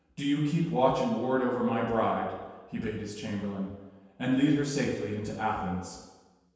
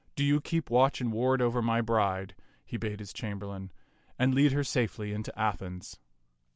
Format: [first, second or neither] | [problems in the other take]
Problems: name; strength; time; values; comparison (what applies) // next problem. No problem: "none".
second | room echo; dies away in 1.2 s